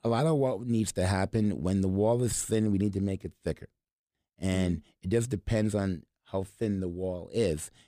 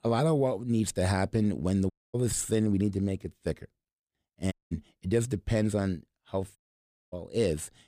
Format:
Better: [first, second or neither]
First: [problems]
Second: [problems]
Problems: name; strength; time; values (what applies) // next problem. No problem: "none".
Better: first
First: none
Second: audio cutting out; at 2 s, at 4.5 s and at 6.5 s for 0.5 s